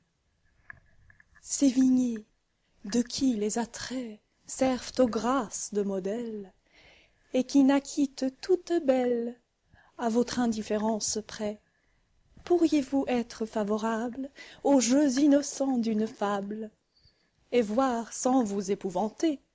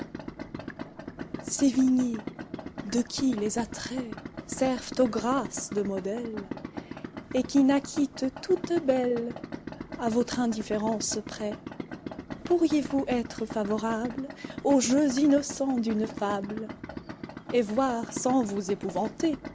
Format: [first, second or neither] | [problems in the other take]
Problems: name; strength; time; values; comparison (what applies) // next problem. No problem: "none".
first | background sound (Idling); 11 dB below the speech